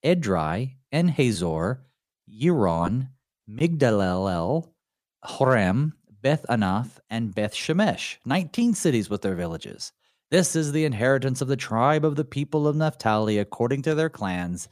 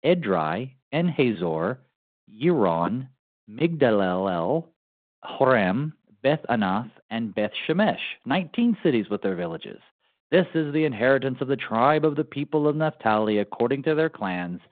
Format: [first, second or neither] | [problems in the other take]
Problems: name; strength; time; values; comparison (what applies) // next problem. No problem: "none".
first | phone-call audio; nothing above 4 kHz